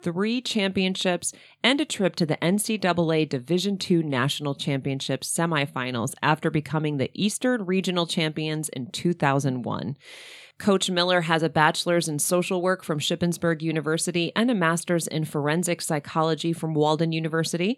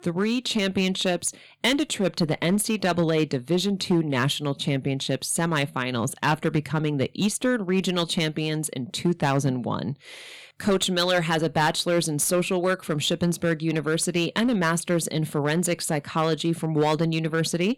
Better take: first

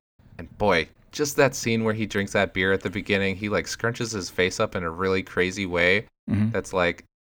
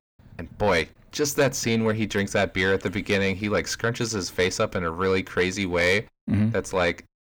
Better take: first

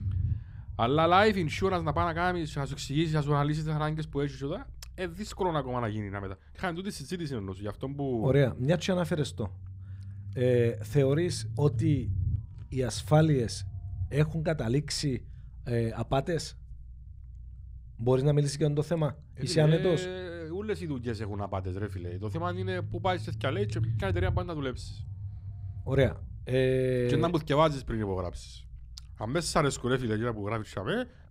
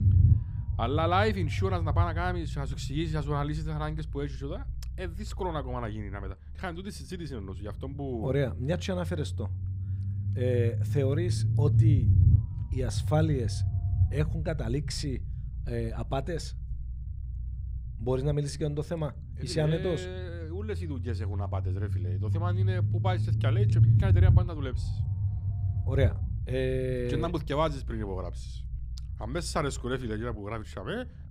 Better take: first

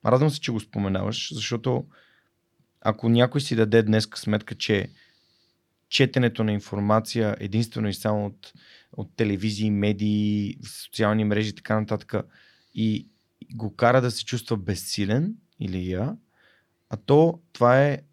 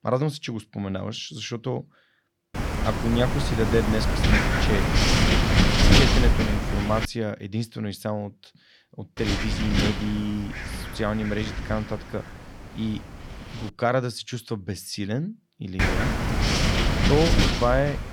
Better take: first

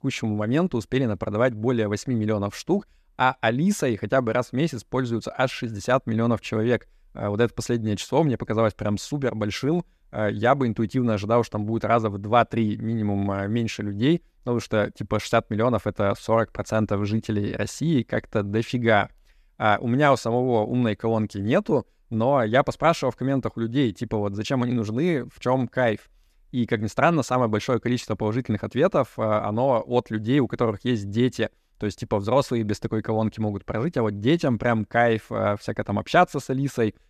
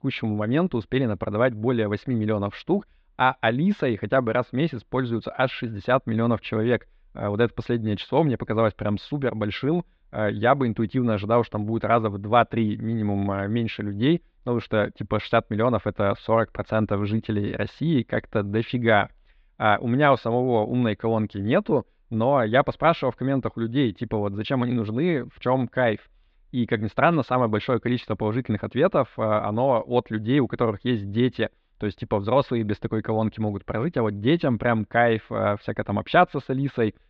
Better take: first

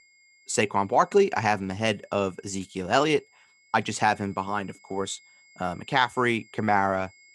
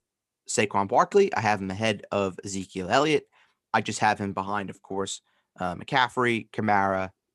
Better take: second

